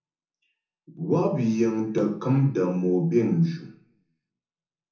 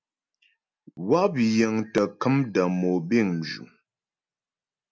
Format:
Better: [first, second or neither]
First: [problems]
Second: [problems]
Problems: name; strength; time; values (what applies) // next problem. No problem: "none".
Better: second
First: room echo; dies away in 0.6 s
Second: none